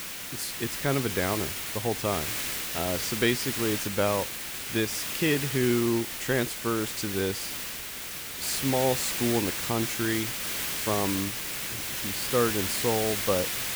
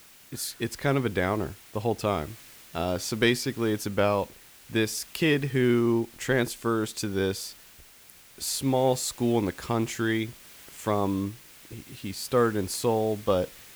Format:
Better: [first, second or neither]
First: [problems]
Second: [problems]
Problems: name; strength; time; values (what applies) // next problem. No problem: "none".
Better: second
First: hiss; loud; throughout; 1 dB below the speech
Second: hiss; faint; throughout; 20 dB below the speech